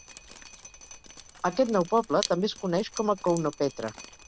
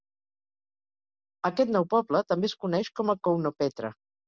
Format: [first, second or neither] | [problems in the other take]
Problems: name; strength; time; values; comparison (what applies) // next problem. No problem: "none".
second | background sound (Drip); 15 dB below the speech